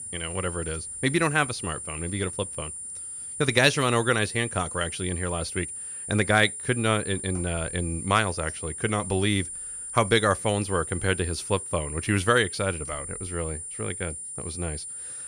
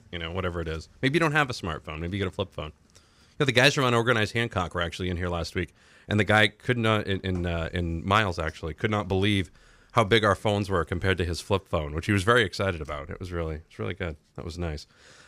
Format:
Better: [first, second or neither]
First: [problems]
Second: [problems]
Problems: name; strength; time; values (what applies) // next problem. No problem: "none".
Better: second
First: high-pitched whine; loud; throughout; 9.5 kHz, 7 dB below the speech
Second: none